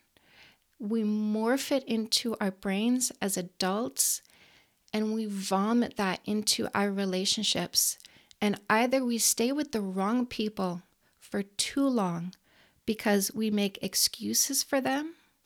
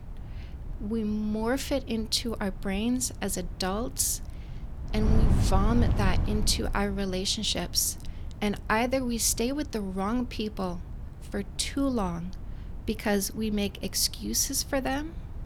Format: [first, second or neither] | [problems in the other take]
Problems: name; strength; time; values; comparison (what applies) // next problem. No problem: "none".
first | wind noise on the microphone; occasional gusts; 15 dB below the speech